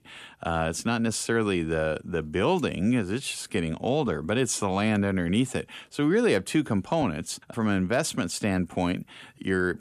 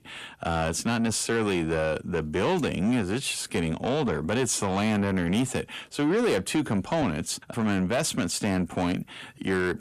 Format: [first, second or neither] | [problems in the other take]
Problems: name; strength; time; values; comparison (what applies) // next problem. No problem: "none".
first | distortion; slight; 10 dB below the speech